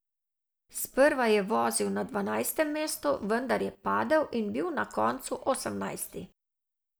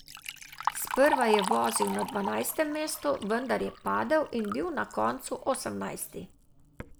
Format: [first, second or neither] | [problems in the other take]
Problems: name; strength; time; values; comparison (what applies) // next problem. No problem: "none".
first | background sound (Liquid); 7 dB below the speech